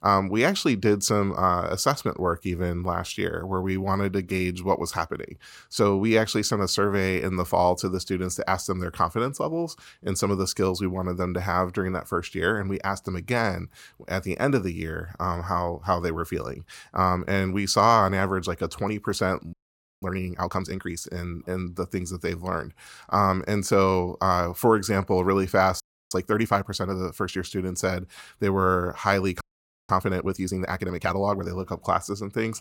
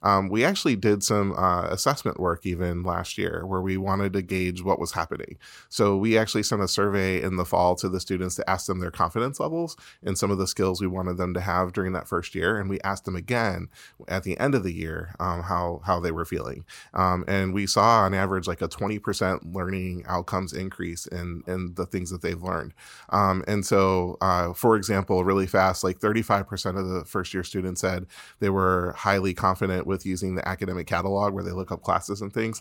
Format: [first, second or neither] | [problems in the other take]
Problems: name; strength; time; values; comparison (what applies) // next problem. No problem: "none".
second | audio freezing; at 20 s, at 26 s and at 29 s